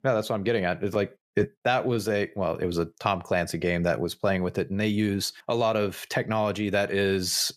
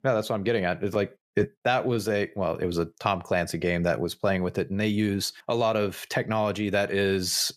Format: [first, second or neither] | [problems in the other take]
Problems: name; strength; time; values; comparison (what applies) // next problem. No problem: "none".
neither | none